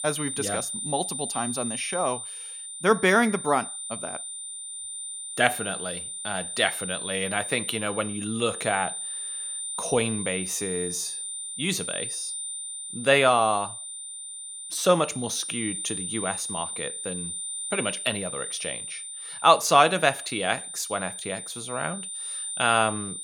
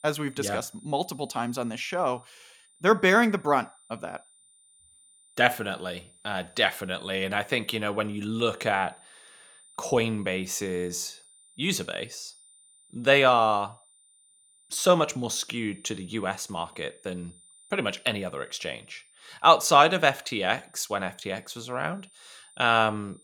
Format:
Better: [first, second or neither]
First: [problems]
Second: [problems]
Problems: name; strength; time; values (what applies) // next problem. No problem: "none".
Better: second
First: high-pitched whine; loud; throughout; 9 kHz, 6 dB below the speech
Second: high-pitched whine; faint; throughout; 9 kHz, 30 dB below the speech